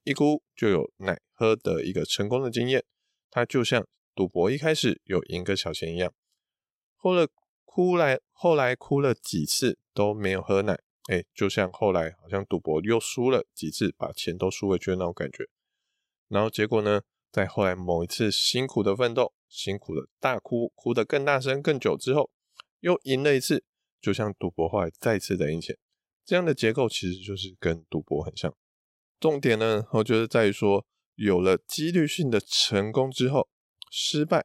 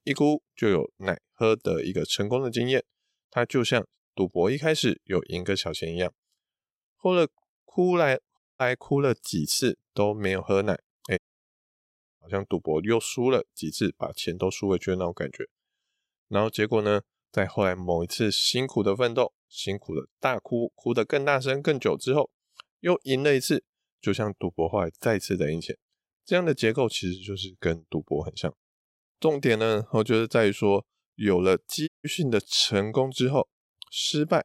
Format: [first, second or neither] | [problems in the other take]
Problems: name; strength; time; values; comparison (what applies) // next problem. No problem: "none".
first | audio cutting out; at 8.5 s, at 11 s for 1 s and at 32 s